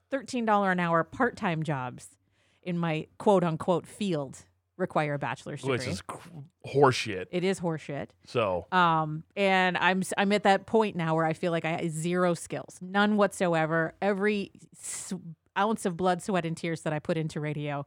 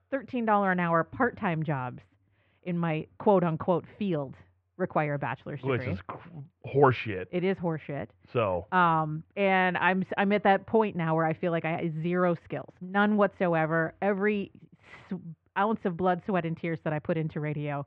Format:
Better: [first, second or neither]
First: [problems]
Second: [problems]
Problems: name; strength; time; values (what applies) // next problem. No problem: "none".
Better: first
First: none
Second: muffled; very; fading above 2.5 kHz